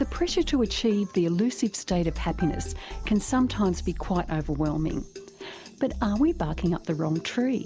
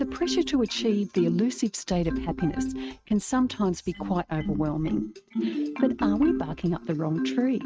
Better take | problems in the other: first | noise reduction (neural mask model RNNoise)

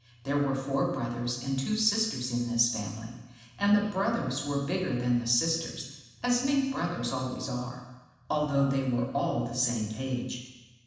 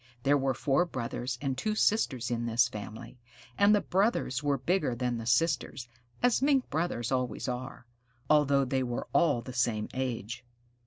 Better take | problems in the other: second | room echo; dies away in 1.1 s

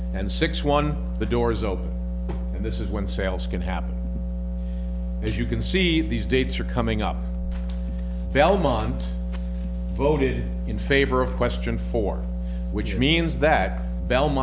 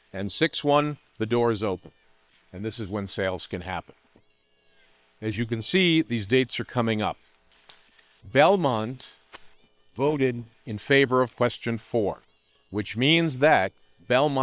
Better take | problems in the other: first | noise reduction (neural separator model SepFormer WHAM!)

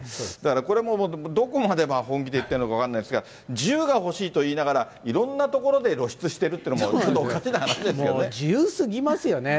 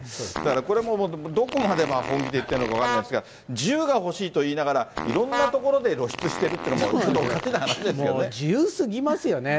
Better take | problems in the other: first | background sound (Vehicle horn, car horn, honking + Fart); 8 dB below the speech

